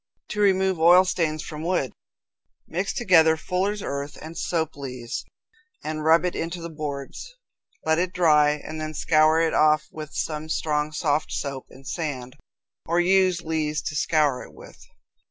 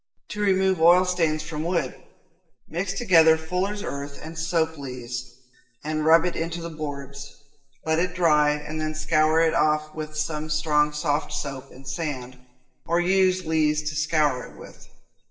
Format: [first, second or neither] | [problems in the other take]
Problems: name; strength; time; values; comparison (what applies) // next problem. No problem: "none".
first | room echo; dies away in 0.9 s